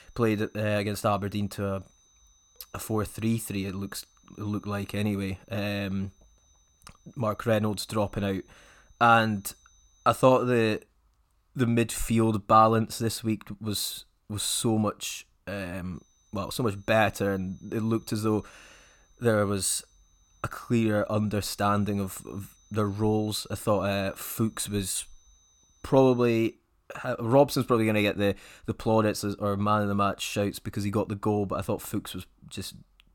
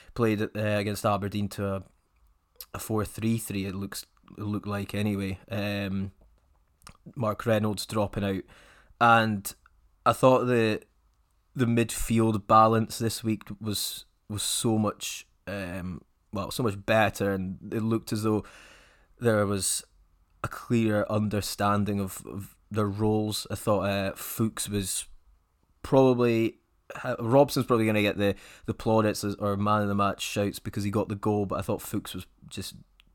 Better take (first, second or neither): second